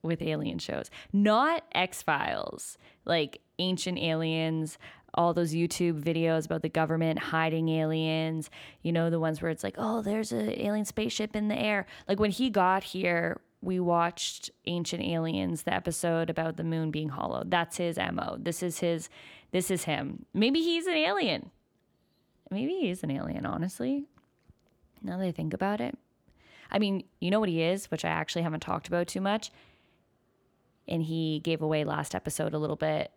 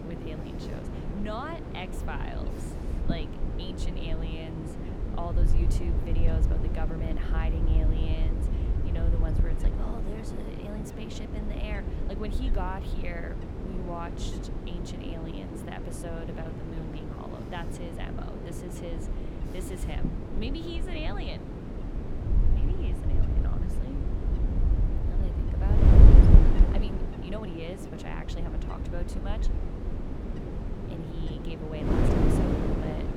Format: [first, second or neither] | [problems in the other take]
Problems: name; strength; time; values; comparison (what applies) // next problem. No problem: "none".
first | wind noise on the microphone; heavy; 1 dB above the speech